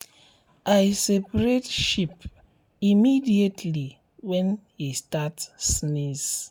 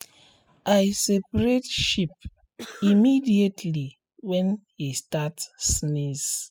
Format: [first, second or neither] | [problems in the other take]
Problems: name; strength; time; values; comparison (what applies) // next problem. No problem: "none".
first | noise reduction (classical method spectral subtraction)